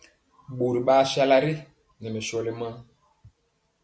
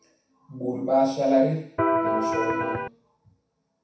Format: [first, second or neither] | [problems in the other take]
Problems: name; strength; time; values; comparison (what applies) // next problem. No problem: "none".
first | background sound (Electric guitar); 3 dB above the speech // room echo; dies away in 0.7 s